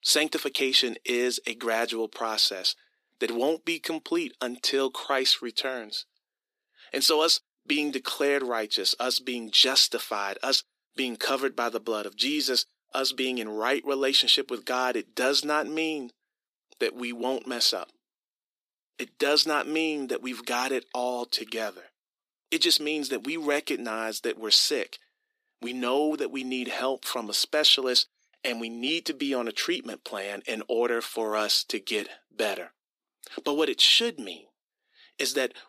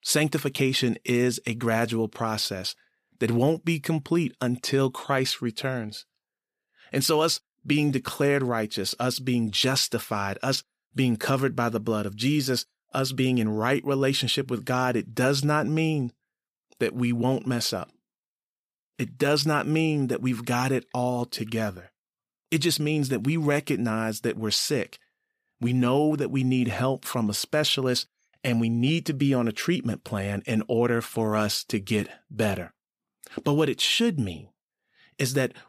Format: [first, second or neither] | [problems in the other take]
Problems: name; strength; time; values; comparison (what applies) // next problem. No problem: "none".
second | thin; somewhat; fading below 300 Hz